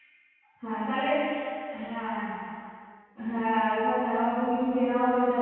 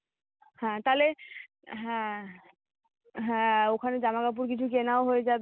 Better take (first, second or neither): second